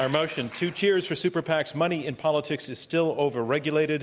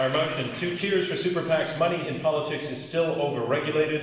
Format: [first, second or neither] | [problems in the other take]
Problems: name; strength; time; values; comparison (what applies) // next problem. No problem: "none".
first | room echo; dies away in 1.2 s